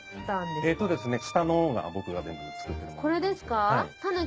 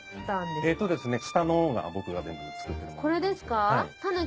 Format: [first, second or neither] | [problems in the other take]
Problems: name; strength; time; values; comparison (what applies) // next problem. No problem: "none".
second | background sound (Bell); 19 dB below the speech